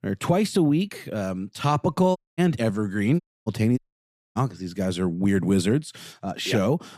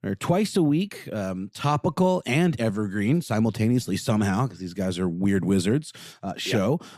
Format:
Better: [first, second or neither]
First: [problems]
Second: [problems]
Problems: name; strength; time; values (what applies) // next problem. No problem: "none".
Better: second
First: audio cutting out; at 2 s, at 3 s and at 4 s for 0.5 s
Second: none